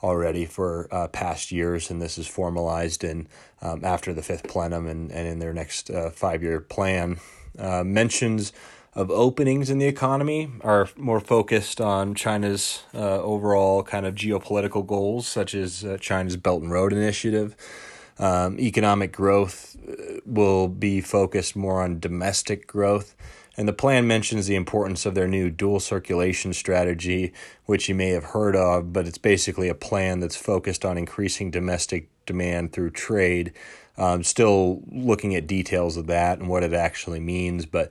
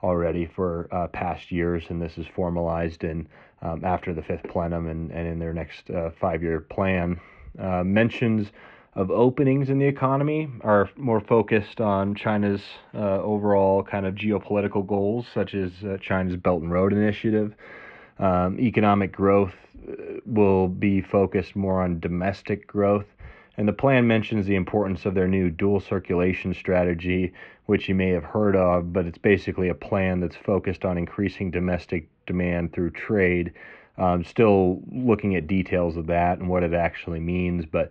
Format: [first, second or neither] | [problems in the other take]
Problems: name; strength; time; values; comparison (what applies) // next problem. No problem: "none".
first | muffled; very; fading above 3 kHz